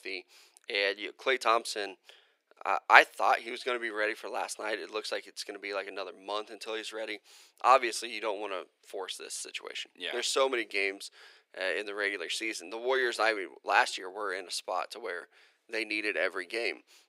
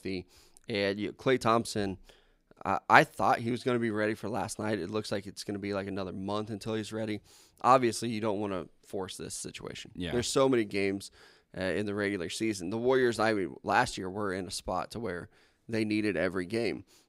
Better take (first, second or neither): second